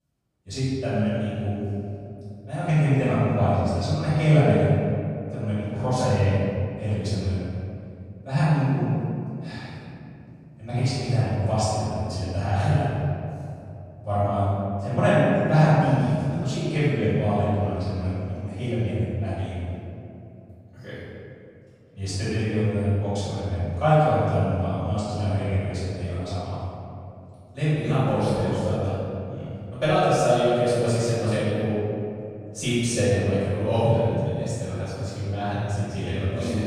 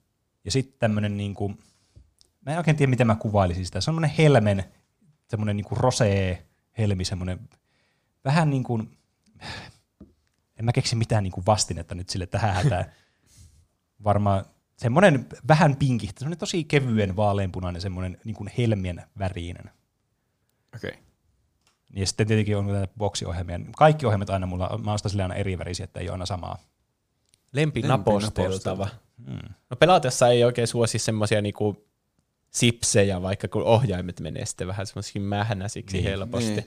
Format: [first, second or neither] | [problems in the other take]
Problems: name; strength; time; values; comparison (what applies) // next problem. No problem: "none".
second | off-mic speech; far // room echo; strong; dies away in 2.7 s